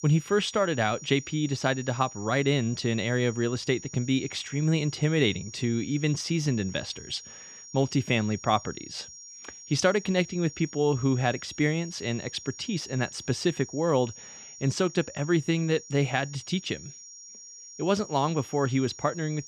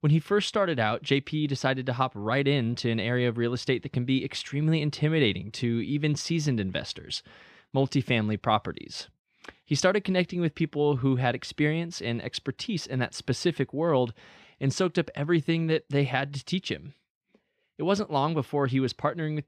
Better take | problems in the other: second | high-pitched whine; noticeable; throughout; 5.5 kHz, 15 dB below the speech

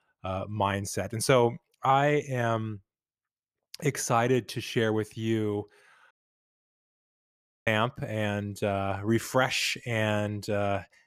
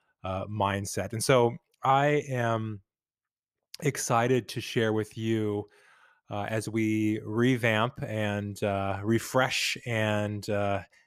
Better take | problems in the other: second | audio cutting out; at 6 s for 1.5 s

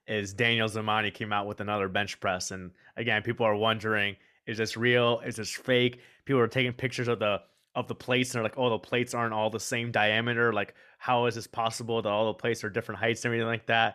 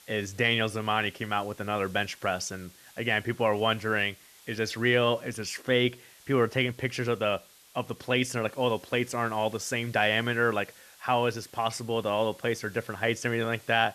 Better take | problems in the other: first | hiss; faint; throughout; 25 dB below the speech

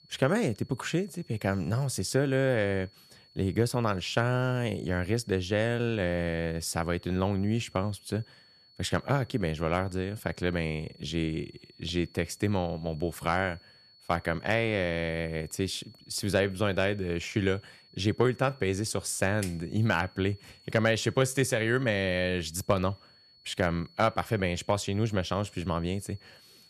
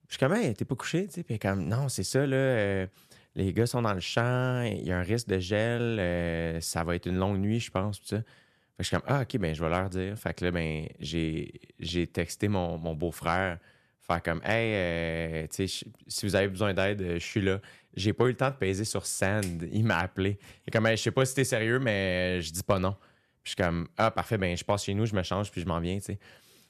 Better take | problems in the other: second | high-pitched whine; faint; throughout; 4.5 kHz, 25 dB below the speech

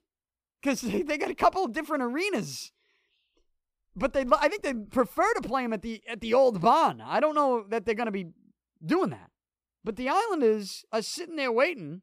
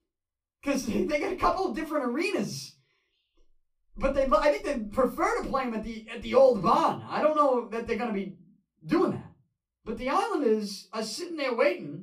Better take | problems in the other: first | off-mic speech; far // room echo; very slight; dies away in 0.2 s

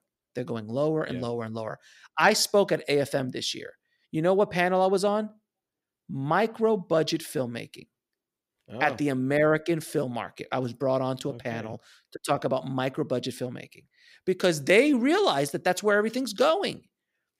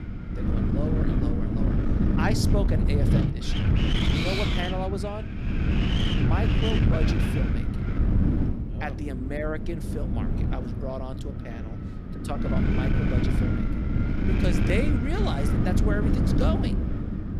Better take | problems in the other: first | wind noise on the microphone; heavy; 1 dB above the speech

